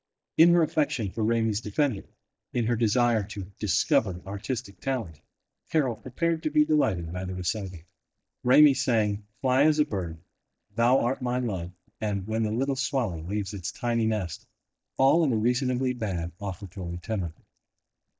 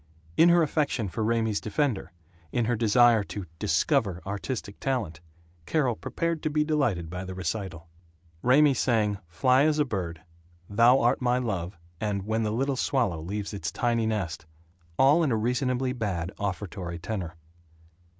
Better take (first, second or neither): second